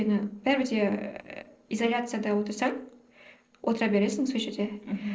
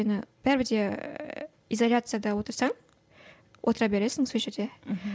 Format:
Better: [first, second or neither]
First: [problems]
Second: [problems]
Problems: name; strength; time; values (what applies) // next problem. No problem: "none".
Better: second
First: noise reduction (neural separator model SepFormer DNS4)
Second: none